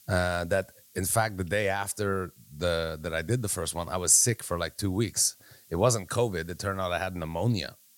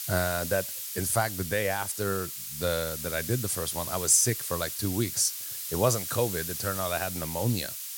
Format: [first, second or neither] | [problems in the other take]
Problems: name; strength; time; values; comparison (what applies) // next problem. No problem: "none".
first | hiss; loud; throughout; 5 dB below the speech; faint in the first